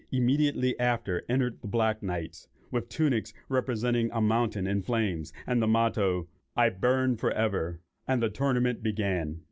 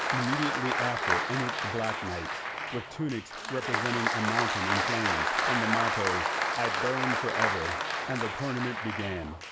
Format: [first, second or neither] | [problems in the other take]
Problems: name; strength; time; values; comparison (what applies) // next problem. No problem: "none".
first | background sound (Applause); 4 dB above the speech